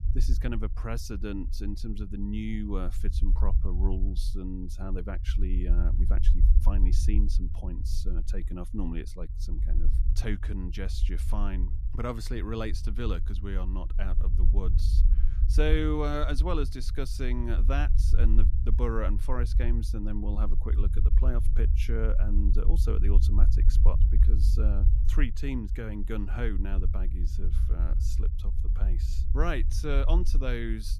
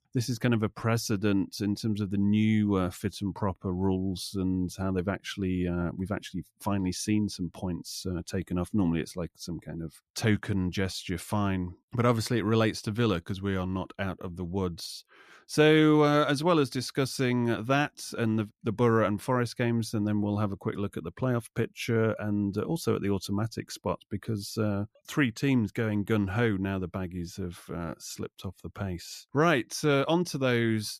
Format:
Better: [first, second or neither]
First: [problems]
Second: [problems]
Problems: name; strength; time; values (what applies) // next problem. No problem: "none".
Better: second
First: low rumble; noticeable; throughout; 10 dB below the speech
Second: none